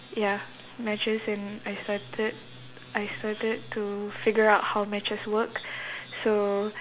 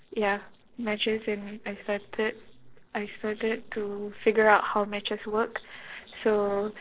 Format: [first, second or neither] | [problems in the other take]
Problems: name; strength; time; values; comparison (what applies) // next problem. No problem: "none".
first | noise reduction (neural separator model SepFormer DNS4)